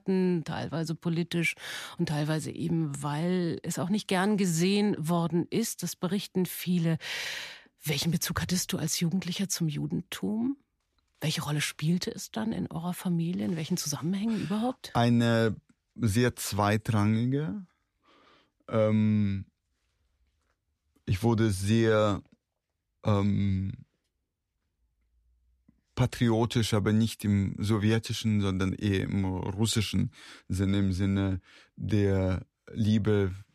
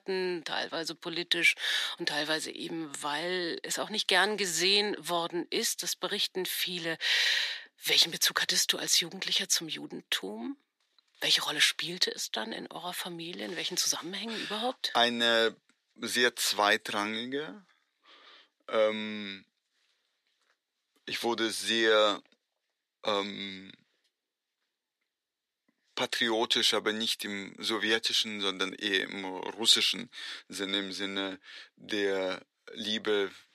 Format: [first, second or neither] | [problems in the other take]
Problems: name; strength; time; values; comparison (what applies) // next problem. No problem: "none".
first | thin; very; fading below 350 Hz